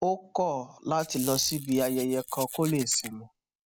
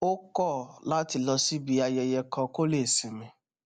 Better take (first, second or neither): second